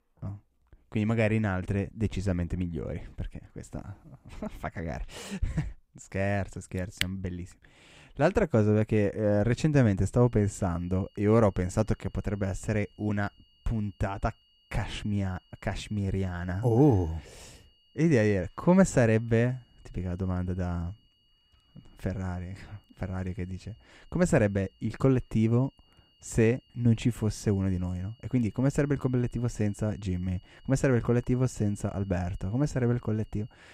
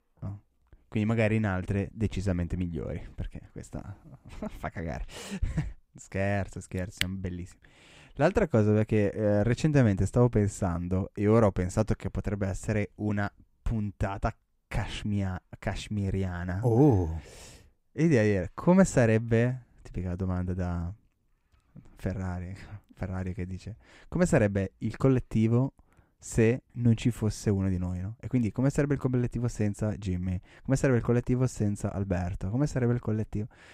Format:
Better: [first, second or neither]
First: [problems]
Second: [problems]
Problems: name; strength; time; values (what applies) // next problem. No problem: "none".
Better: second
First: high-pitched whine; faint; from 10 s on; 3 kHz, 35 dB below the speech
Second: none